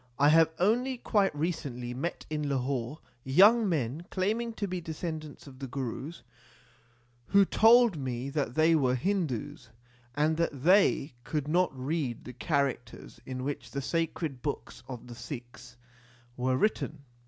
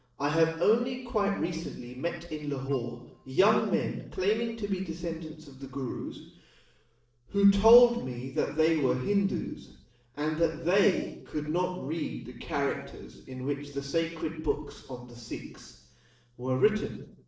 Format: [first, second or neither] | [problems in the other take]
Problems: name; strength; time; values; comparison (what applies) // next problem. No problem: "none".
first | noise reduction (neural separator model SepFormer DNS4)